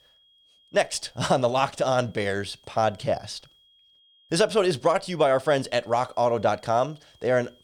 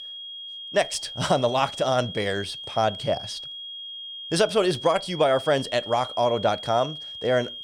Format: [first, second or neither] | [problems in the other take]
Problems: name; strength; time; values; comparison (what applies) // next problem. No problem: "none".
first | high-pitched whine; loud; throughout; 3.5 kHz, 10 dB below the speech; faint in the first